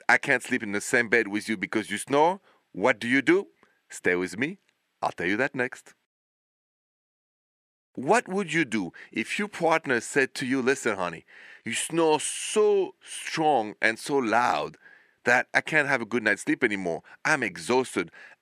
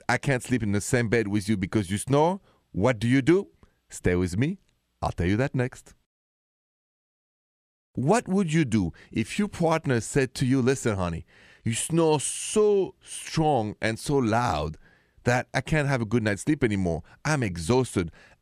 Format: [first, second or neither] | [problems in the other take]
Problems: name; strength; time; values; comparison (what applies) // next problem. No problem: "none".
second | thin; somewhat; fading below 300 Hz